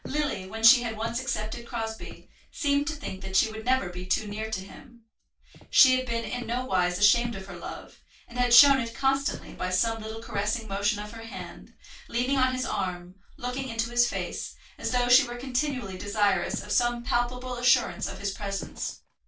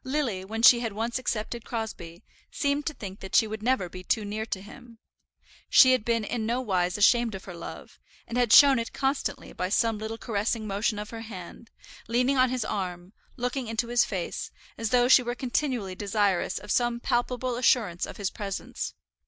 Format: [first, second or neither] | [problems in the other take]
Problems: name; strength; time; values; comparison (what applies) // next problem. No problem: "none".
second | background sound (Walk, footsteps); 19 dB below the speech // room echo; dies away in 0.2 s